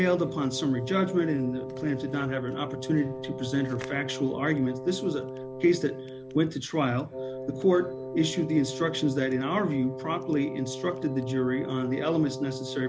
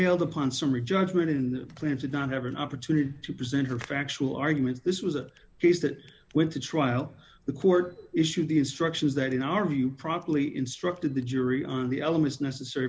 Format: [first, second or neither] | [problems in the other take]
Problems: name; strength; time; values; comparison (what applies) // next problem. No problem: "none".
second | background sound (Wind instrument, woodwind instrument); 9 dB below the speech